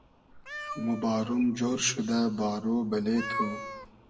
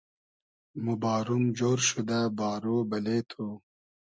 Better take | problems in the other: second | background sound (Meow); 11 dB below the speech // room echo; dies away in 1 s

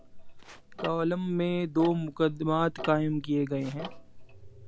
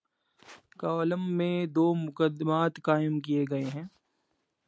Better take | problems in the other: second | background sound (Tick-tock); 13 dB below the speech

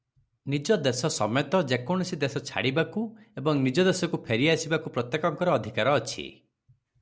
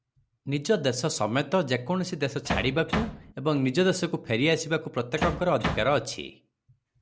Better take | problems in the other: first | background sound (Bass drum); 4 dB below the speech

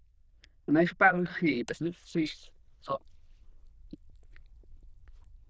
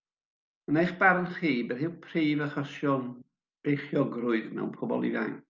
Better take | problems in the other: second | noise reduction (neural diffusion model UNIVERSE++)

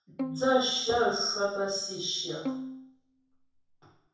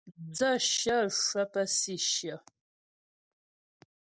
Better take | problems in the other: second | background sound (Bowed string instrument); 10 dB below the speech // room echo; dies away in 0.7 s

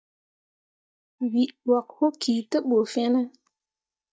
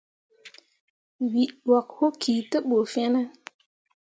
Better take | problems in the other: second | noise reduction (neural mask model DeepFilterNet 3)

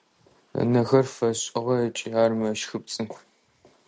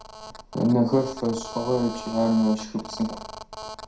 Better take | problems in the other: first | background sound (Telephone); 13 dB below the speech // room echo; dies away in 0.5 s

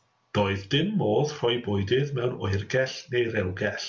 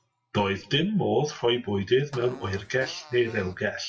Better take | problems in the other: first | noise reduction (classical method WPE with log-MMSE)

